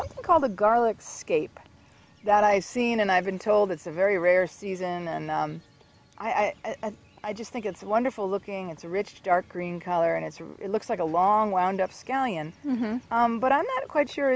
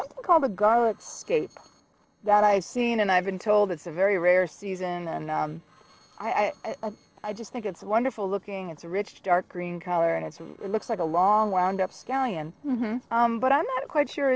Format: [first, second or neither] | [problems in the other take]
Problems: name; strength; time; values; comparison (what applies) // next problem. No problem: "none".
first | noise reduction (neural separator model SepFormer DNS4)